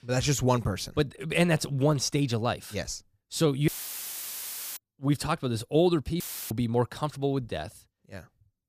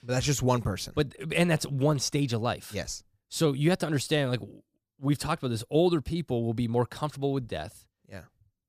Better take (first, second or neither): second